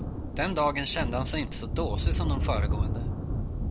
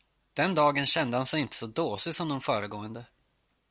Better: second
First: background sound (Thunder); 3 dB above the speech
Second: none

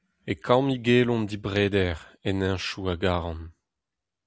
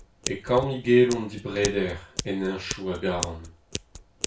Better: first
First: none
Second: background sound (Scissors); 11 dB below the speech // room echo; dies away in 0.3 s

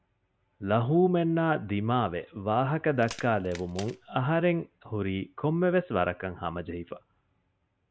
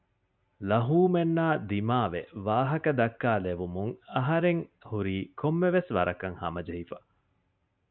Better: second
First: background sound (Crack); 18 dB below the speech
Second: none

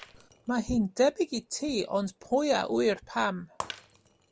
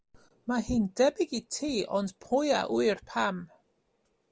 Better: second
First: background sound (Shatter); 19 dB below the speech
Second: none

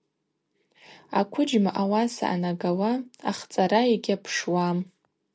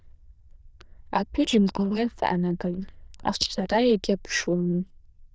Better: first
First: none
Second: noise reduction (neural diffusion model UNIVERSE++)

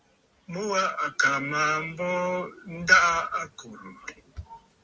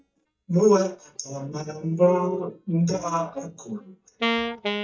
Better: first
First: none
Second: noise reduction (neural mask model DeepFilterNet 3)

